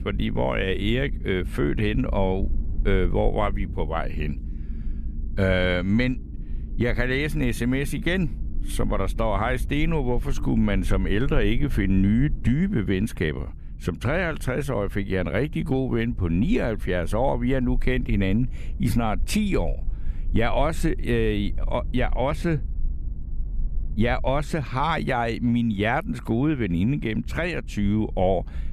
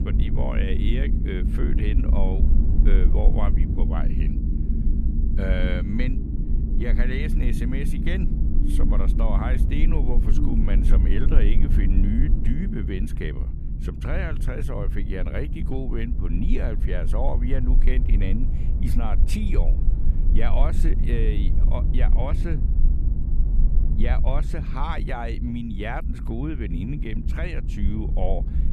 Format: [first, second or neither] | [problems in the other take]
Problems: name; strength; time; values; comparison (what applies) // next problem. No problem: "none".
first | low rumble; loud; throughout; 6 dB below the speech; faint in the first